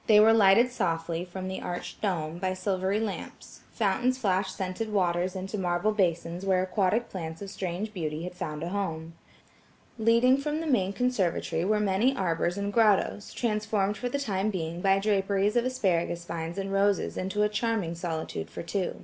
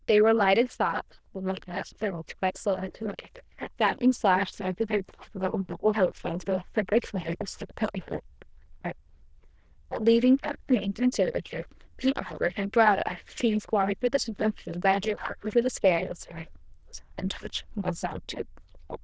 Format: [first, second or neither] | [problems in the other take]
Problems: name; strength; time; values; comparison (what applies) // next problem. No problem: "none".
first | noise reduction (neural diffusion model UNIVERSE++)